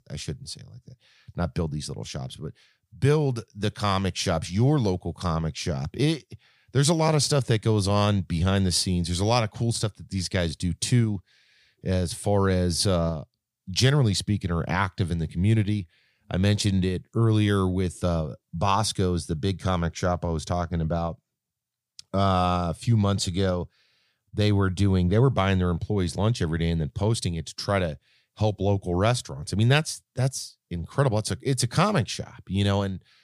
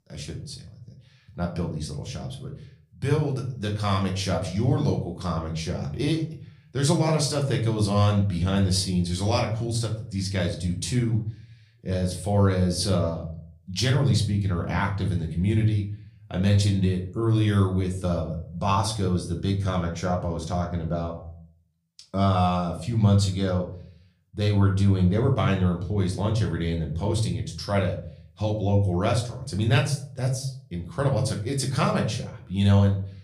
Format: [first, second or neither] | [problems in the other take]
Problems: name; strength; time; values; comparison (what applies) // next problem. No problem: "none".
first | room echo; slight; dies away in 0.4 s // off-mic speech; somewhat distant